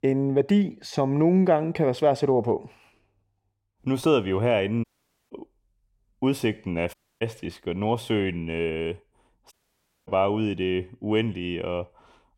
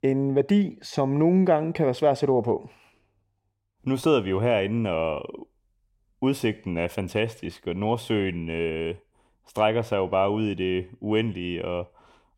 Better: second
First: audio cutting out; at 5 s, at 7 s and at 9.5 s for 0.5 s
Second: none

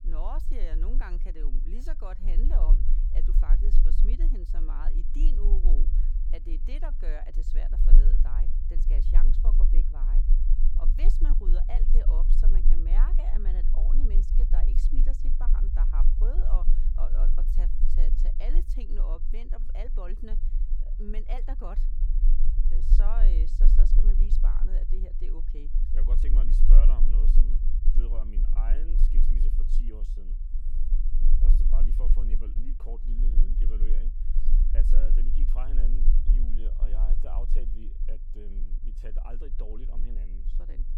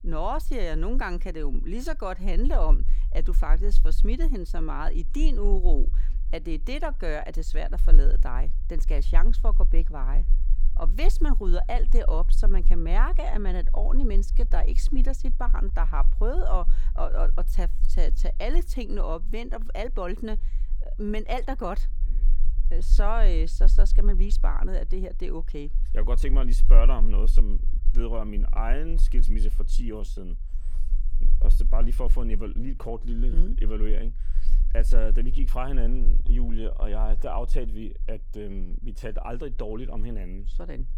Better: second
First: low rumble; loud; throughout; 6 dB below the speech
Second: low rumble; faint; throughout; 20 dB below the speech

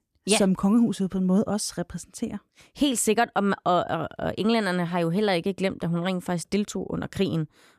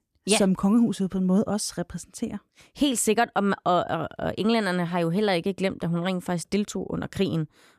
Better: neither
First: none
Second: none

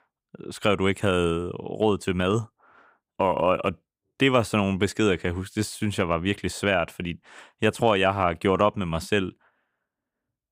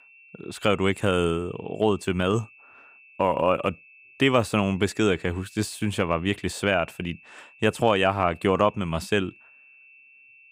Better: first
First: none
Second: high-pitched whine; faint; throughout; 2.5 kHz, 25 dB below the speech

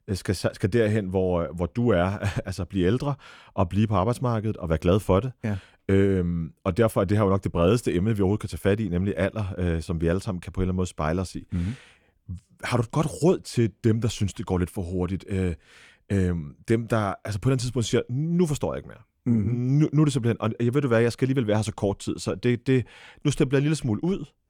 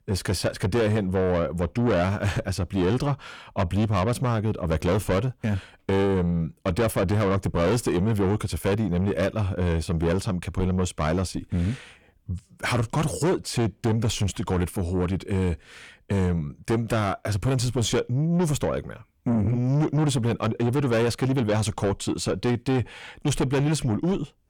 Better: first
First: none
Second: distortion; heavy; 8 dB below the speech

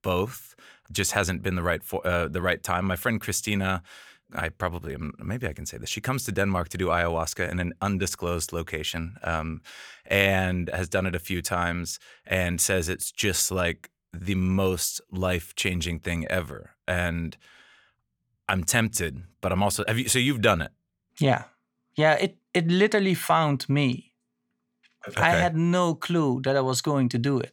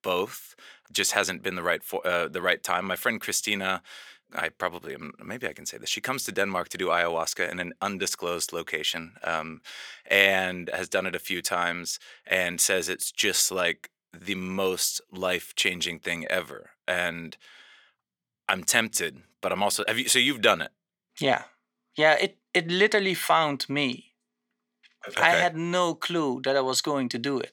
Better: first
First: none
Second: thin; somewhat; fading below 300 Hz

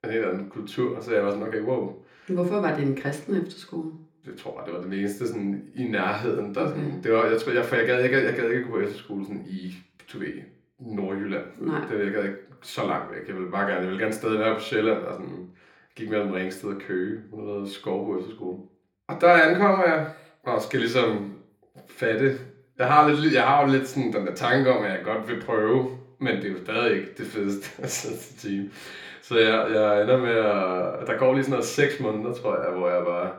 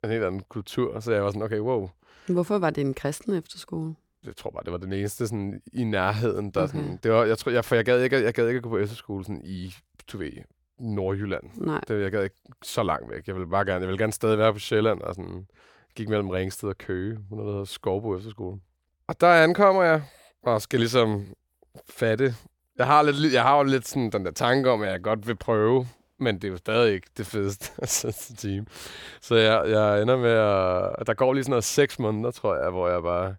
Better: second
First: room echo; slight; dies away in 0.4 s // off-mic speech; somewhat distant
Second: none

